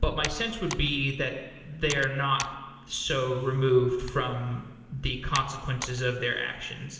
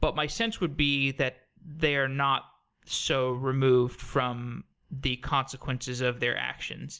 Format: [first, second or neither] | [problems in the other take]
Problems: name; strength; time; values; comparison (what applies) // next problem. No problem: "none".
second | background sound (Computer keyboard); 14 dB below the speech // room echo; dies away in 1.4 s